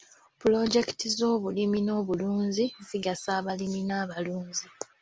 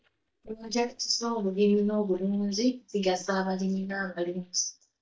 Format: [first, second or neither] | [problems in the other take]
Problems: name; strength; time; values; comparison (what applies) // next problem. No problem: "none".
first | noise reduction (neural mask model DeepFilterNet 3)